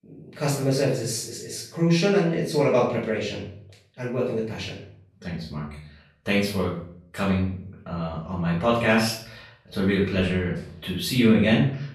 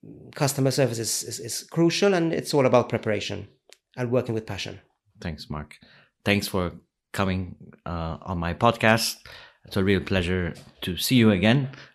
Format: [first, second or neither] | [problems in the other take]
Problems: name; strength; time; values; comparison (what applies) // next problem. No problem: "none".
second | room echo; noticeable; dies away in 0.5 s // off-mic speech; far